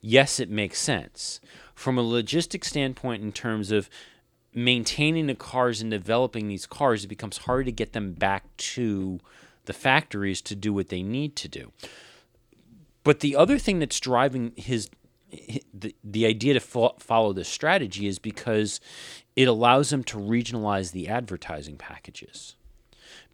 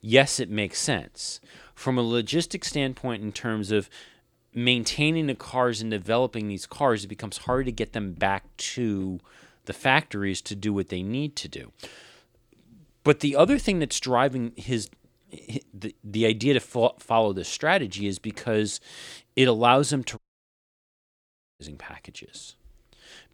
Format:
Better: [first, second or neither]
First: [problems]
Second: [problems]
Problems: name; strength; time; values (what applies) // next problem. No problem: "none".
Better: first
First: none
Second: audio cutting out; at 20 s for 1.5 s